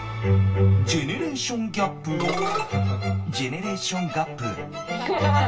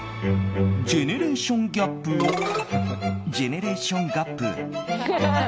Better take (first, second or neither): second